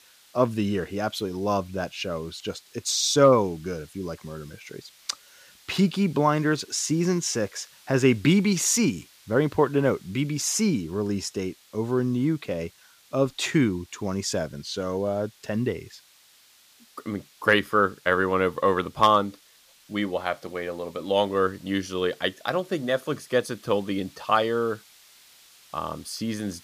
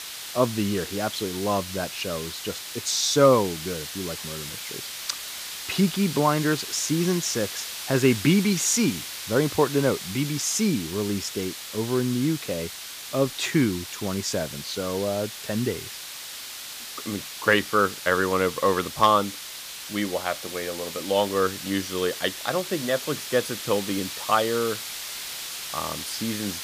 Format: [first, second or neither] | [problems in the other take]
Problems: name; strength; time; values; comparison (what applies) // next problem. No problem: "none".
first | hiss; loud; throughout; 8 dB below the speech; faint in the first